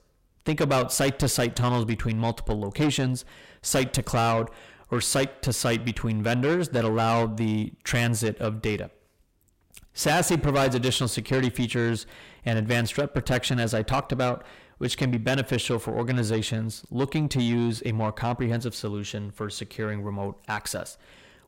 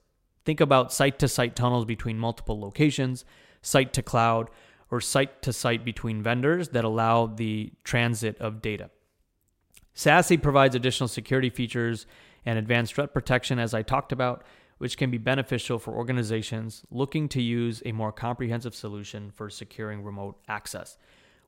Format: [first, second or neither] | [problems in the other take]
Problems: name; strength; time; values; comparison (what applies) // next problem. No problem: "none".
second | distortion; heavy; 6 dB below the speech